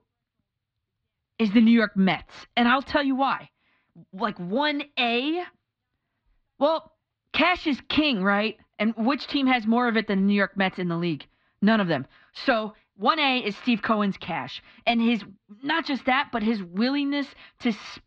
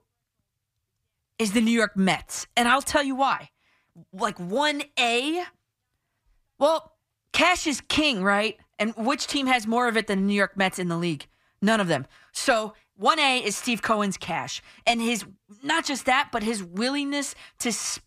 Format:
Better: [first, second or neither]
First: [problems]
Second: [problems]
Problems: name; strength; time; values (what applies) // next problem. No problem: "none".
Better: second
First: muffled; very slightly; fading above 4 kHz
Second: none